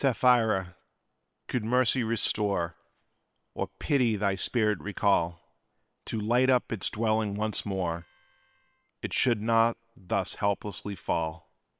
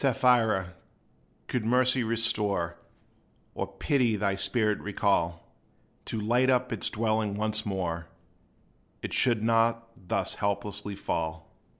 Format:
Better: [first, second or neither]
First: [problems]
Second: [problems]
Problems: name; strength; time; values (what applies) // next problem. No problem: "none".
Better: second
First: noise reduction (neural separator model SepFormer WHAM!)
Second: none